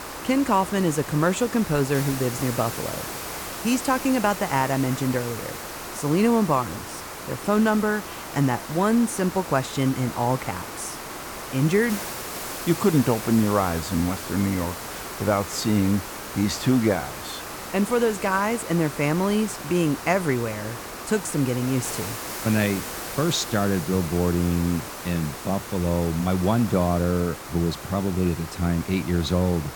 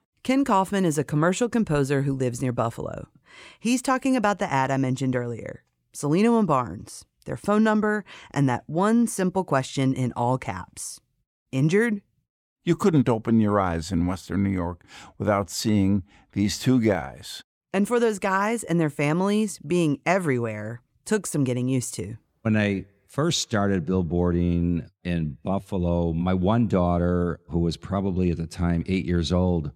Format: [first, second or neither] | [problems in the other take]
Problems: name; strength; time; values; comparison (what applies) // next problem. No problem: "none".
second | hiss; loud; throughout; 9 dB below the speech